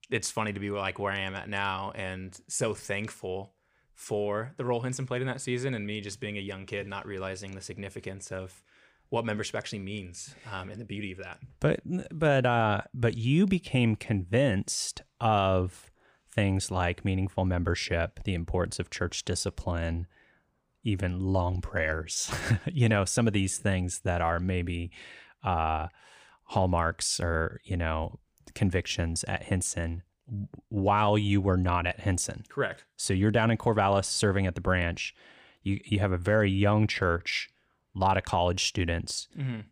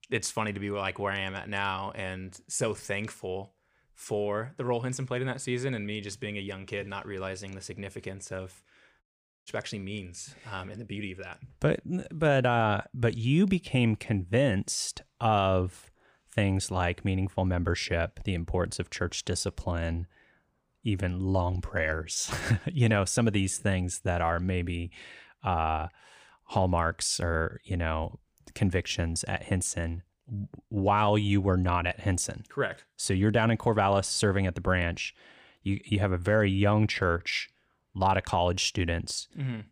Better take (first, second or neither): first